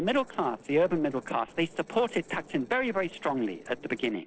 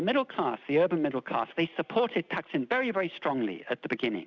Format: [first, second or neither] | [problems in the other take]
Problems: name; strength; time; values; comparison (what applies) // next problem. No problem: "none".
second | noise reduction (neural separator model SepFormer DNS4)